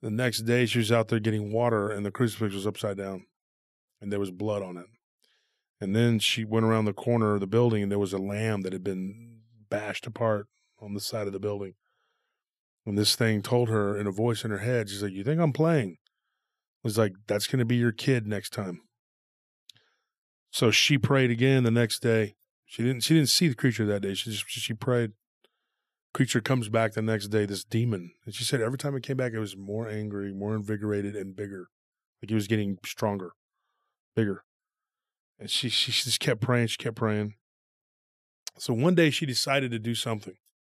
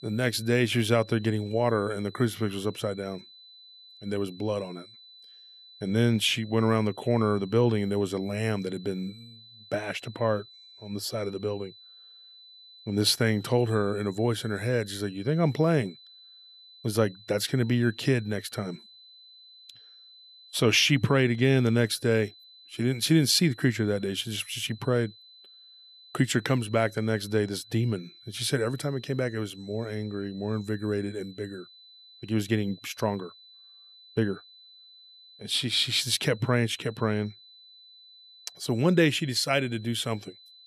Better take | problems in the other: first | high-pitched whine; faint; throughout; 4 kHz, 20 dB below the speech

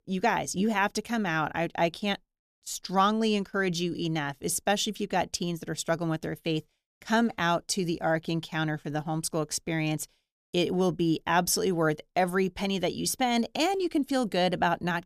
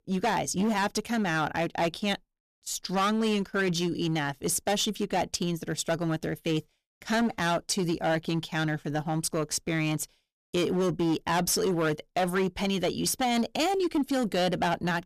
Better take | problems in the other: first | distortion; slight; 11% of the sound clipped

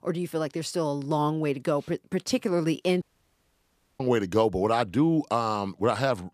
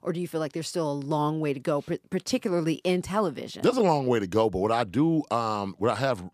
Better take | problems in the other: second | audio cutting out; at 3 s for 1 s

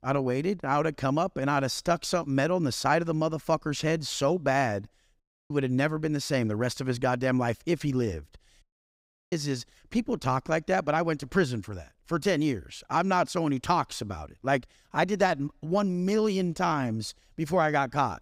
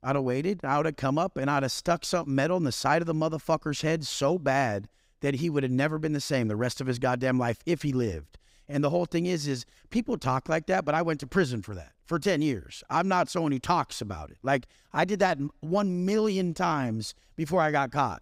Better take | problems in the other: second | audio cutting out; at 5 s and at 8.5 s for 0.5 s

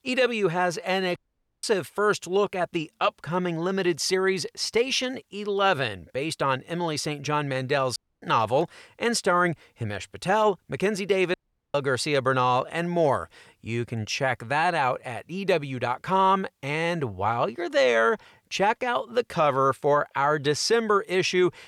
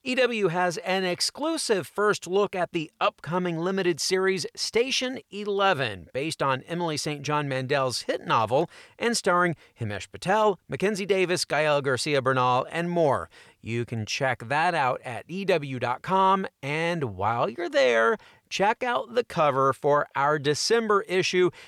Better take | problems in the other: second | audio cutting out; at 1 s, at 8 s and at 11 s

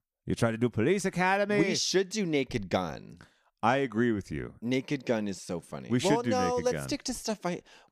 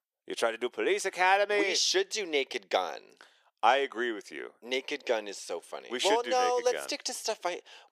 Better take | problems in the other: first | thin; very; fading below 400 Hz

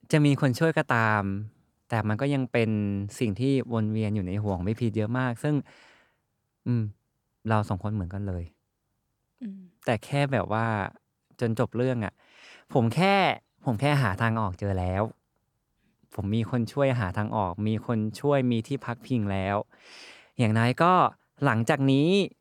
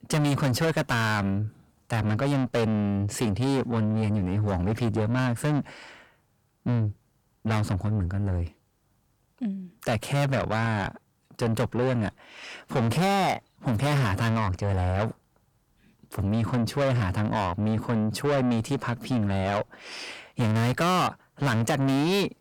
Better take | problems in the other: first | distortion; heavy; 5 dB below the speech

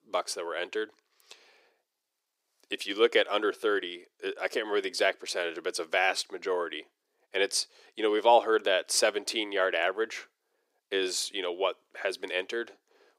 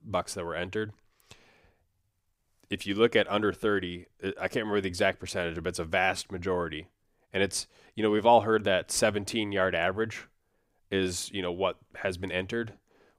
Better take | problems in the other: second | thin; somewhat; fading below 350 Hz

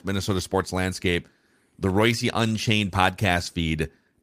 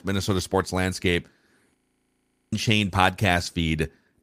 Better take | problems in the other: first | audio freezing; at 2 s for 1 s

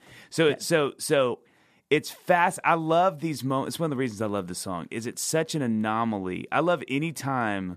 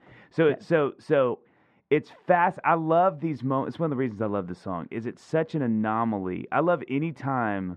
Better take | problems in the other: first | muffled; very; fading above 1.5 kHz

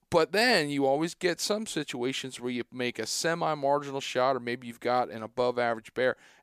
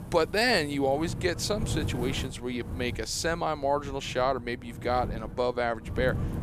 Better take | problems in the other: first | wind noise on the microphone; occasional gusts; 15 dB below the speech

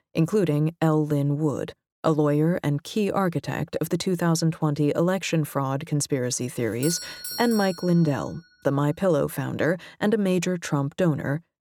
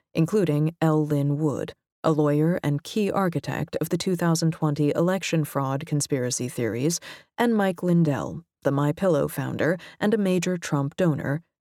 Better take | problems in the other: second | doorbell; noticeable; from 6.5 to 8 s; peak 7 dB below the speech

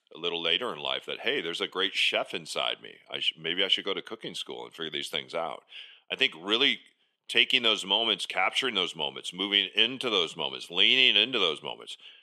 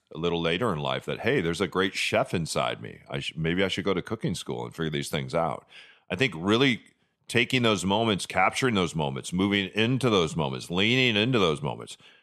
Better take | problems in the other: second | thin; somewhat; fading below 350 Hz

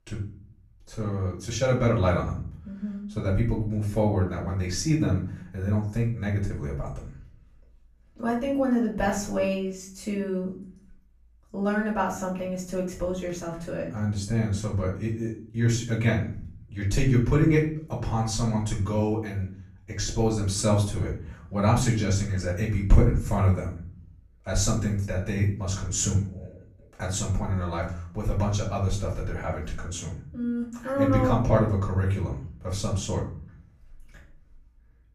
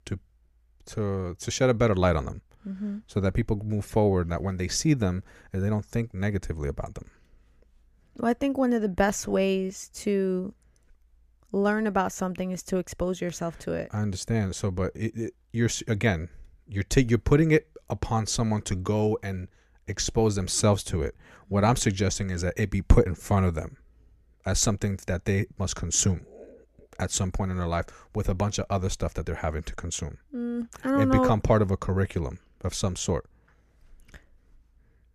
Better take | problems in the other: second | room echo; slight; dies away in 0.5 s // off-mic speech; far

